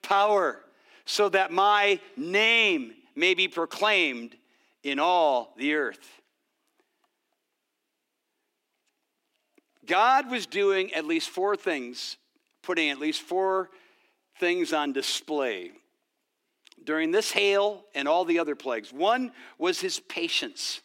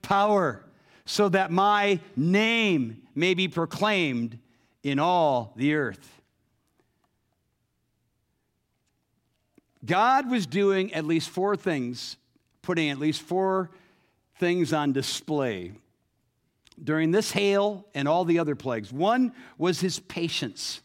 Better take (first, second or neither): second